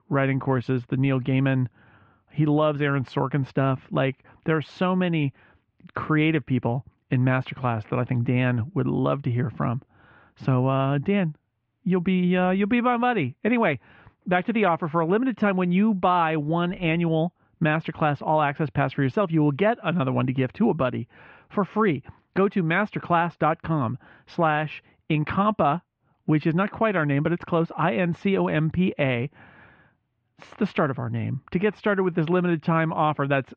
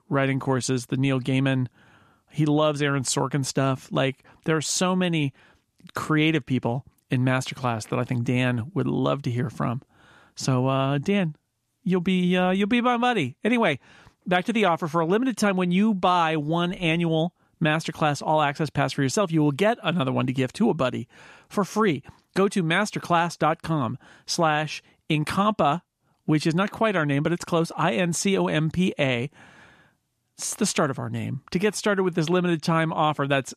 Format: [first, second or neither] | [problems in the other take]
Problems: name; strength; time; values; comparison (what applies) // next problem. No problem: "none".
second | muffled; very; fading above 2.5 kHz